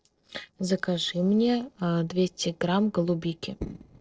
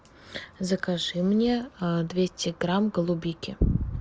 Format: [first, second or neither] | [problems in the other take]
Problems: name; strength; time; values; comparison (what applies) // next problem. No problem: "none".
second | noise reduction (neural separator model SepFormer DNS4)